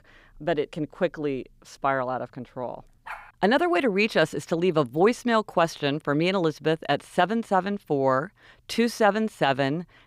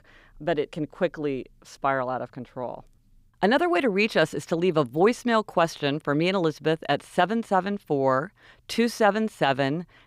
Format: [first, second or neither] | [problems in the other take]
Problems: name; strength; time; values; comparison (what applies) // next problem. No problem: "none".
second | dog barking; faint; at 3 s; peak 15 dB below the speech